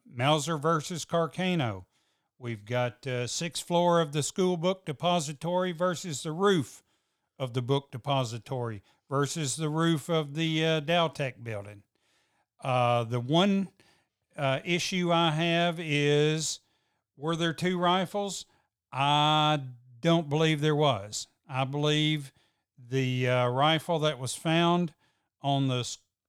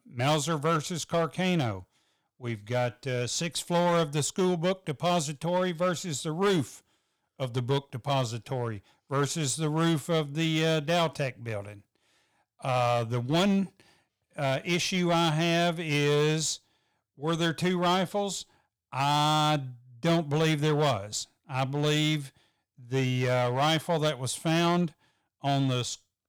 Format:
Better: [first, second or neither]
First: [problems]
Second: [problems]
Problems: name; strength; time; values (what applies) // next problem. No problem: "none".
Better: first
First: none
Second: distortion; slight; 7% of the sound clipped